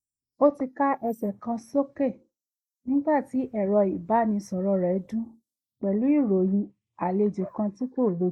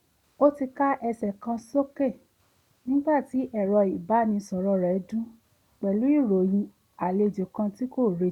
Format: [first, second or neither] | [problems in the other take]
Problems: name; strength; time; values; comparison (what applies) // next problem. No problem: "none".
second | noise reduction (neural mask model Resemble Enhance denoiser)